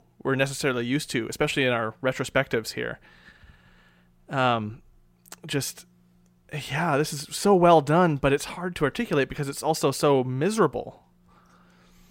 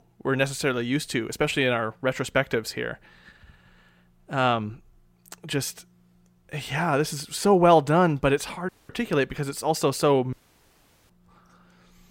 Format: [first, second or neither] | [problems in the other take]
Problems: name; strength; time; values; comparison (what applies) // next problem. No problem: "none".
first | audio cutting out; at 8.5 s and at 10 s for 1 s